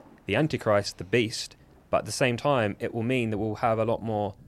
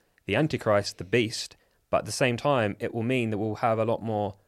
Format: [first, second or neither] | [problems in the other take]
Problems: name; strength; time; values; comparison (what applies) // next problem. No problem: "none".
second | rain or running water; faint; throughout; 30 dB below the speech